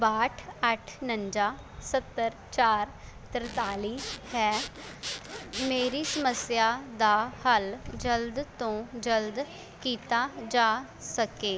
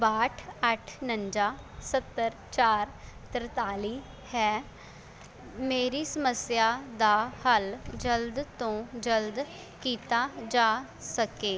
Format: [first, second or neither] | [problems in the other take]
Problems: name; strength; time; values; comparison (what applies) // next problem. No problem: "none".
second | background sound (Zipper (clothing) / Sawing); 10 dB below the speech